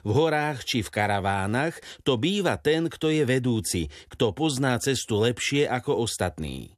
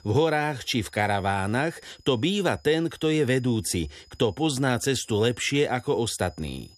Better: first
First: none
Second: high-pitched whine; faint; throughout; 5 kHz, 30 dB below the speech

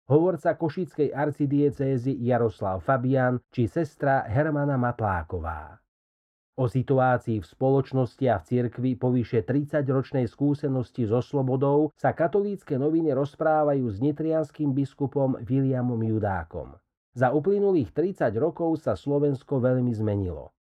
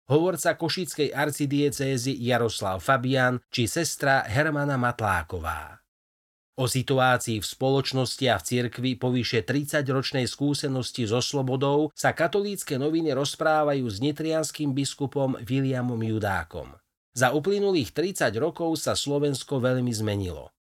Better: second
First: muffled; very; fading above 2 kHz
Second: none

